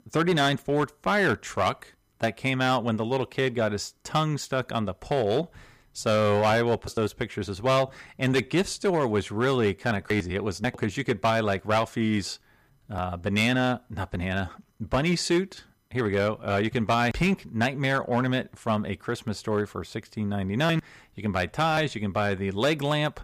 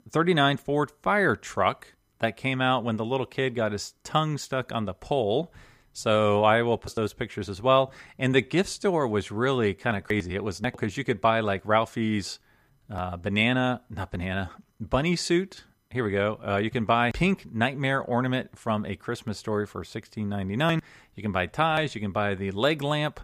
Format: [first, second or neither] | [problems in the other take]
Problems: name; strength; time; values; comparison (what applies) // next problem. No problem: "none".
second | distortion; slight; 5% of the sound clipped